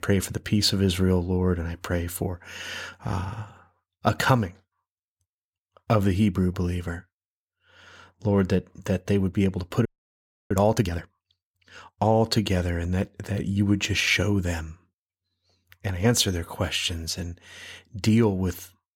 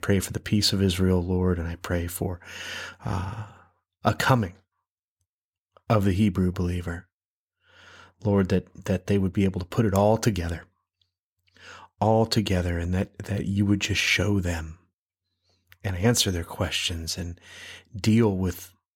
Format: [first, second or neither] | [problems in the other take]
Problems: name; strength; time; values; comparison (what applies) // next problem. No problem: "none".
second | audio freezing; at 10 s for 0.5 s